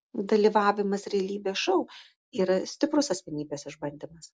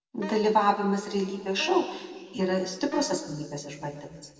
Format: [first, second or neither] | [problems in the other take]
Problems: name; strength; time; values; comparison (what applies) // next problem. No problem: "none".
first | background sound (Wind instrument, woodwind instrument); 15 dB below the speech // room echo; dies away in 1.9 s